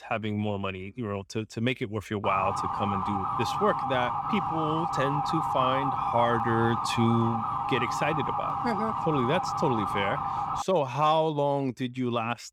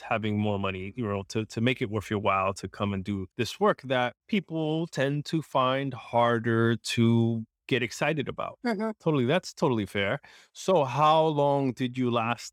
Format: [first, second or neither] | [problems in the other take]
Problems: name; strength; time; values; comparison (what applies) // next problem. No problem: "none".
second | siren; loud; from 2 to 11 s; peak 1 dB above the speech